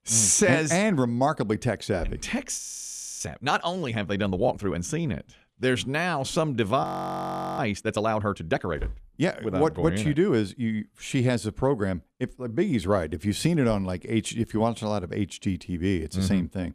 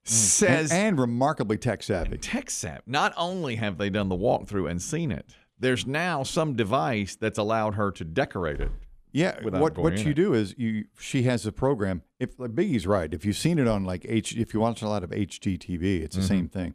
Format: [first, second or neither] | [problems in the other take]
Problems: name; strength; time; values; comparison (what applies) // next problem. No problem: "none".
second | audio freezing; at 2.5 s for 0.5 s and at 7 s for 0.5 s